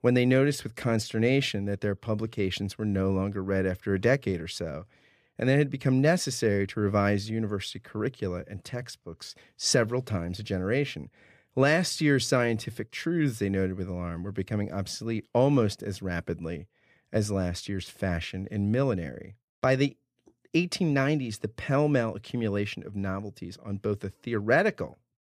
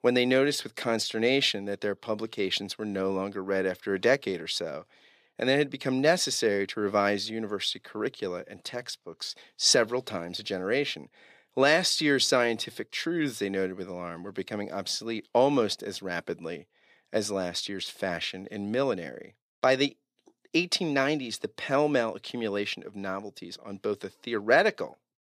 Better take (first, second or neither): first